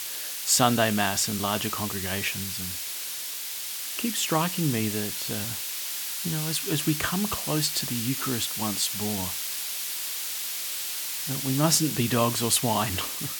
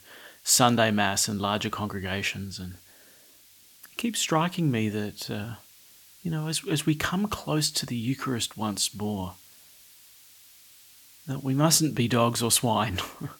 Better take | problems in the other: second | hiss; loud; throughout; 3 dB below the speech; faint in the second

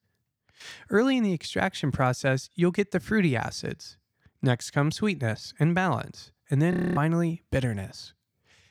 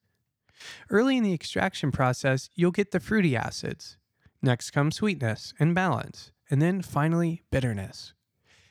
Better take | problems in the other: second | audio freezing; at 6.5 s

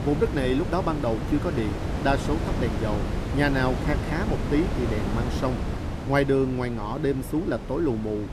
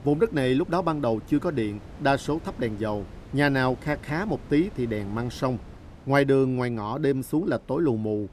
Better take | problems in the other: second | wind noise on the microphone; heavy; 6 dB below the speech; occasional gusts in the second

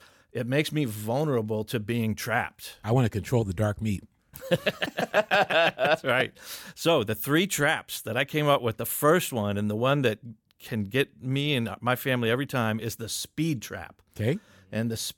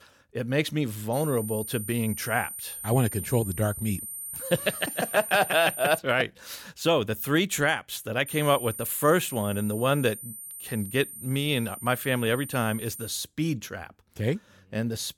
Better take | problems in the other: first | high-pitched whine; loud; from 1 to 6 s and from 8.5 to 13 s; 9 kHz, 9 dB below the speech

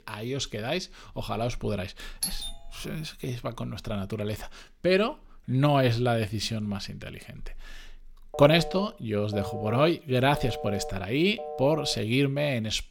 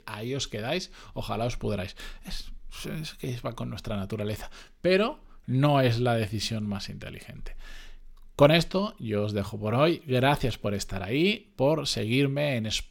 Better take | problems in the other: second | doorbell; noticeable; at 2 s; peak 4 dB below the speech // phone ringing; noticeable; from 8.5 to 12 s; peak 9 dB below the speech

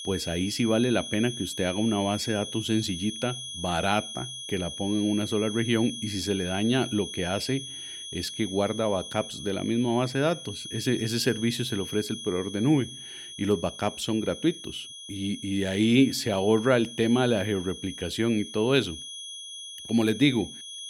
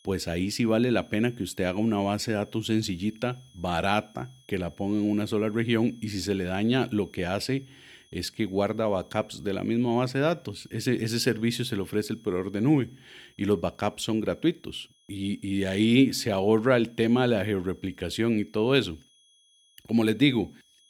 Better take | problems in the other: second | high-pitched whine; loud; throughout; 3.5 kHz, 10 dB below the speech; faint in the second

